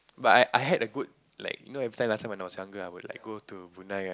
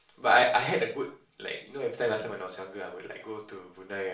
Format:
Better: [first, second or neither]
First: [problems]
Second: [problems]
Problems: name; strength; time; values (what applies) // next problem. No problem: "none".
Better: first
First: none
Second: room echo; dies away in 0.4 s